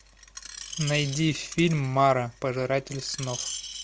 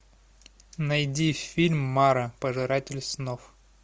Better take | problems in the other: second | background sound (Screech); 12 dB below the speech

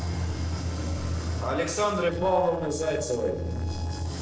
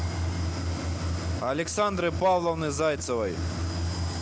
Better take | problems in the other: second | noise reduction (neural separator model SepFormer DNS4)

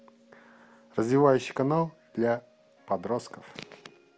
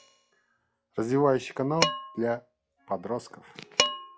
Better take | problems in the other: first | noise reduction (classical method log-MMSE)

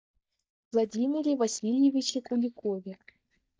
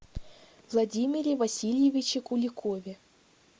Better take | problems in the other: second | noise reduction (neural mask model DeepFilterNet 3)

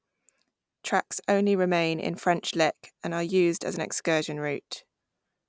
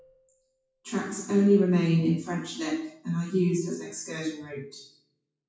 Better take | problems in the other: first | noise reduction (classical method WPE with log-MMSE)

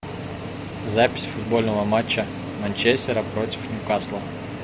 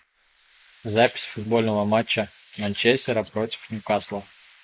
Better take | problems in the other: first | noise reduction (neural mask model Resemble Enhance denoiser)

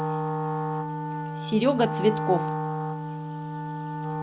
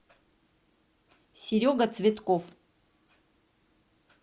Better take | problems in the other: second | background sound (Wind instrument, woodwind instrument + Wind instrument, woodwind instrument); as loud as the speech

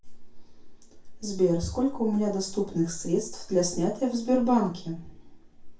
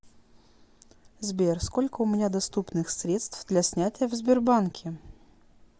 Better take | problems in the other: second | room echo; dies away in 0.3 s

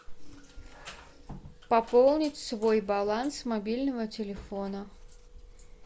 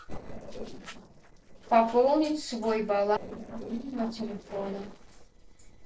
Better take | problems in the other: first | noise reduction (neural separator model SepFormer DNS4)

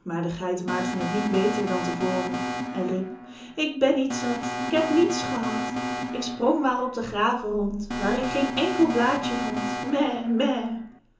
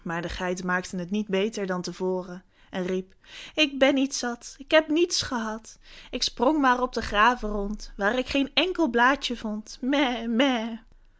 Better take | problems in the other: second | background sound (Alarm); 4 dB below the speech // room echo; dies away in 0.8 s

